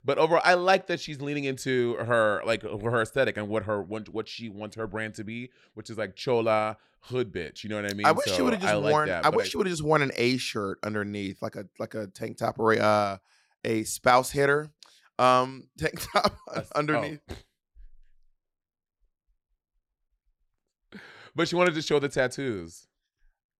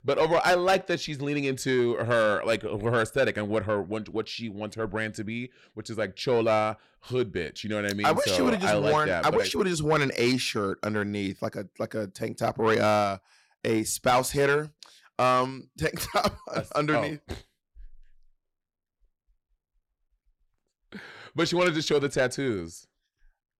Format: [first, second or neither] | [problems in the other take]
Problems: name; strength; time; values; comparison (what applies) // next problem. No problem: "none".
first | distortion; slight; 10 dB below the speech